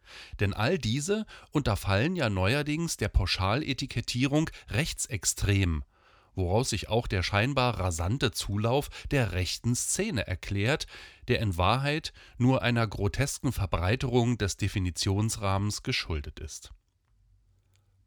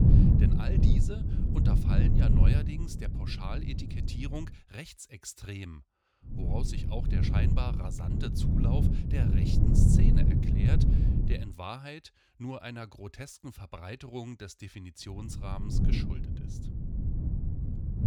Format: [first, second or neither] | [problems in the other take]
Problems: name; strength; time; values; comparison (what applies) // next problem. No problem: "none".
first | wind noise on the microphone; heavy; until 4.5 s, from 6.5 to 11 s and from 15 s on; 3 dB above the speech